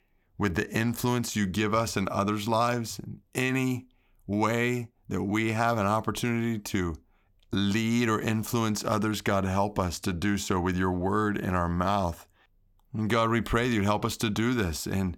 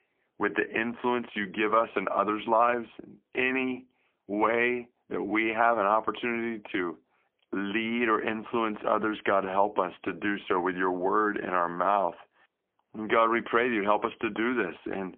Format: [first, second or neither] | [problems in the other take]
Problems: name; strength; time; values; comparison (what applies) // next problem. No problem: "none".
first | phone-call audio; poor line; nothing above 3 kHz